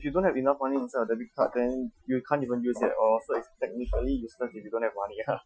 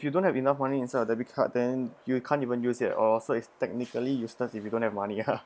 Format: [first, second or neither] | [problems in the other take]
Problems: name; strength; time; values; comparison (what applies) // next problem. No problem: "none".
second | noise reduction (classical method Wiener filter)